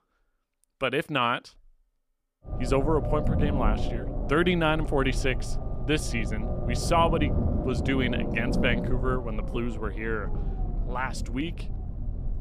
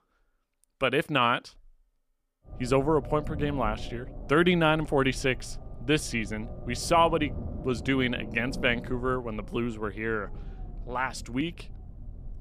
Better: second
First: low rumble; loud; from 2.5 s on; 9 dB below the speech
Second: low rumble; faint; from 2.5 s on; 20 dB below the speech

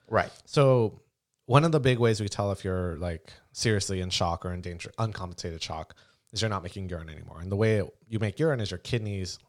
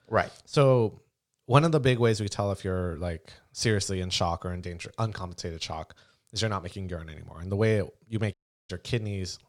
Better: first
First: none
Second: audio cutting out; at 8.5 s

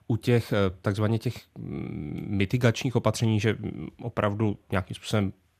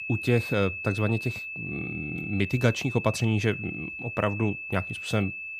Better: first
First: none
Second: high-pitched whine; loud; throughout; 2.5 kHz, 6 dB below the speech

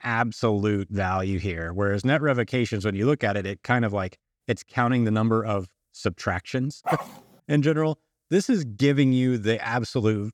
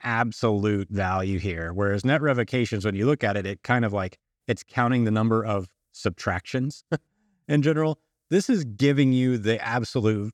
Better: second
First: dog barking; noticeable; at 7 s; peak 5 dB below the speech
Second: none

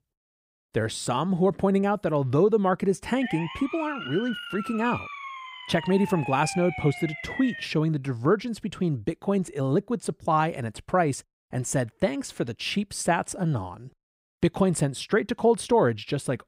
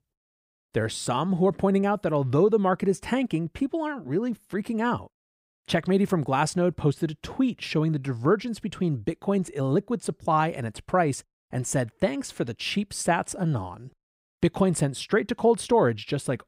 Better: second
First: siren; noticeable; from 3 to 7.5 s; peak 8 dB below the speech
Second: none

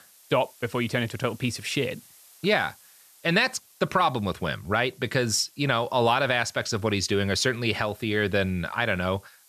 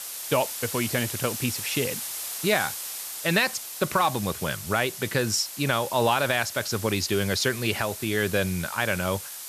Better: first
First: hiss; faint; throughout; 25 dB below the speech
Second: hiss; loud; throughout; 7 dB below the speech

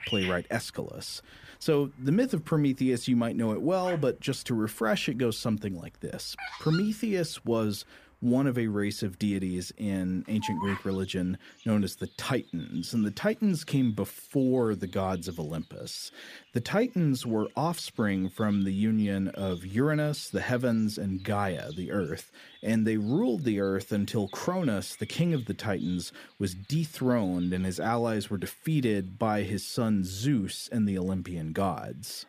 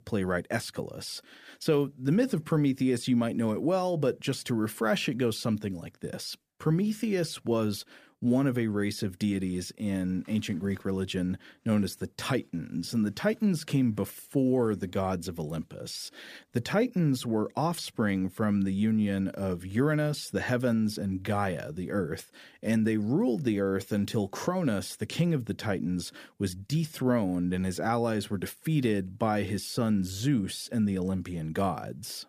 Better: second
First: animal sounds; noticeable; throughout; 15 dB below the speech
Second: none

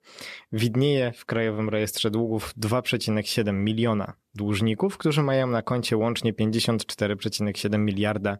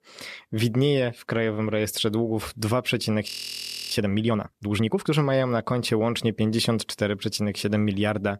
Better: first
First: none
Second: audio freezing; at 3.5 s for 0.5 s

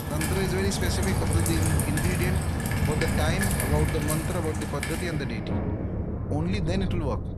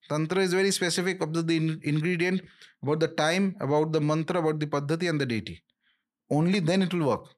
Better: second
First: rain or running water; very loud; throughout; 4 dB above the speech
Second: none

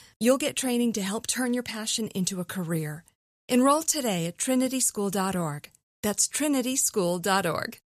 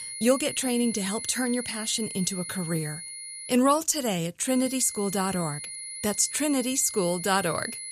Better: first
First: none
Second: high-pitched whine; loud; until 3.5 s and from 4.5 s on; 10.5 kHz, 9 dB below the speech

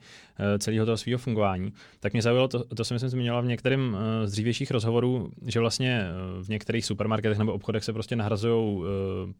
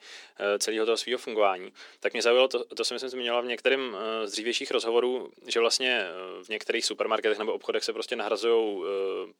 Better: first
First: none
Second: thin; very; fading below 350 Hz

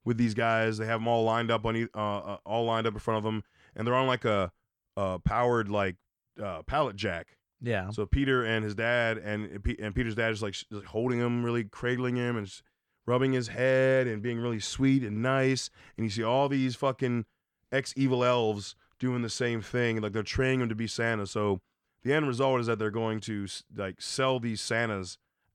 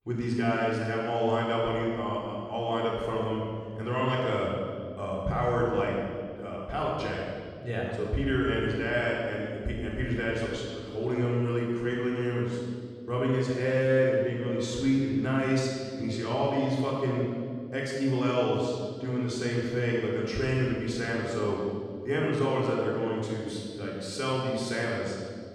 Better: first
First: none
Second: off-mic speech; far // room echo; strong; dies away in 1.9 s

